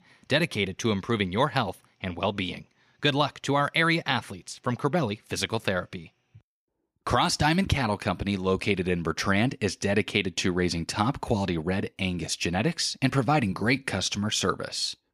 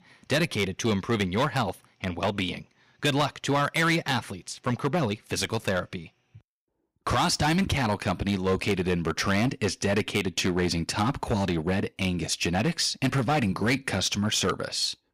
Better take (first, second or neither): first